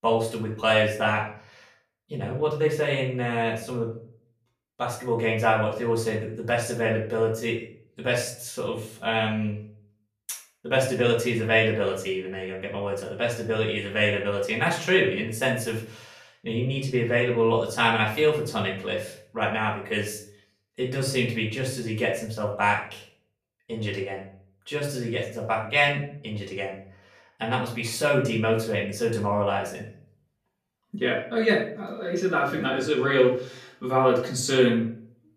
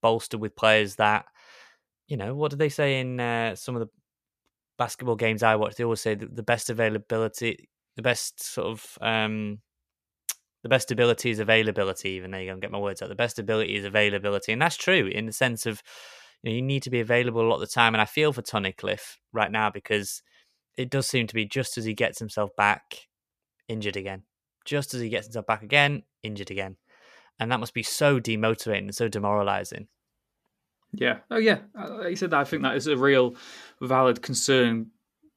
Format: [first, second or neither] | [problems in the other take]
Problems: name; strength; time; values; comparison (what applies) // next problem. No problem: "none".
second | room echo; slight; dies away in 0.4 s // off-mic speech; far